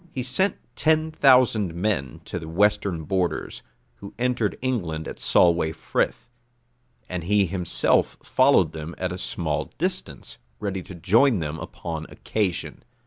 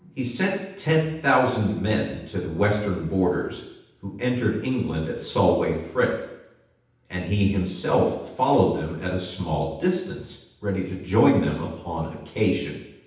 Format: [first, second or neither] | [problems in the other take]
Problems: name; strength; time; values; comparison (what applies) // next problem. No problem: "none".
first | room echo; dies away in 0.9 s